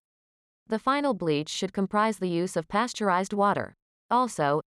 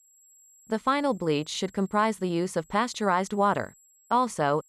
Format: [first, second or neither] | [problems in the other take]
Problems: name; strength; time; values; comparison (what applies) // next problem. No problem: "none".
first | high-pitched whine; faint; throughout; 7.5 kHz, 30 dB below the speech